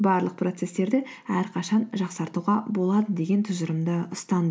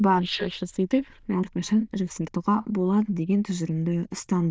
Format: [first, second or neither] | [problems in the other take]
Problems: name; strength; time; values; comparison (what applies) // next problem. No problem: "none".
first | noise reduction (neural diffusion model UNIVERSE++)